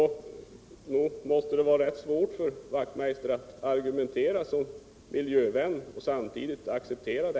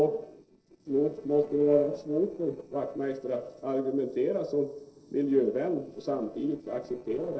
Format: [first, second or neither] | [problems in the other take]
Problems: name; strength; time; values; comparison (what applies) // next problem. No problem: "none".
first | noise reduction (neural separator model SepFormer DNS4)